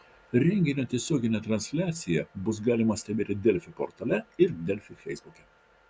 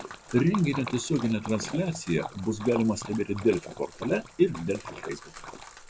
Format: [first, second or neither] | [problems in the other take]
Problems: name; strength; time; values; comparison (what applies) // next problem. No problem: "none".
first | background sound (Splash, splatter); 13 dB below the speech